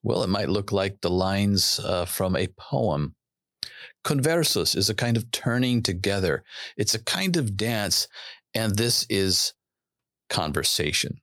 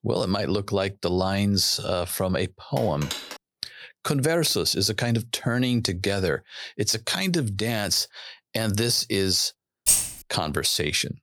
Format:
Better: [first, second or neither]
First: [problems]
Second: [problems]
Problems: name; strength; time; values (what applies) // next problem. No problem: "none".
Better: first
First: none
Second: phone ringing; noticeable; at 3 s; peak 8 dB below the speech // jangling keys; loud; at 10 s; peak 5 dB above the speech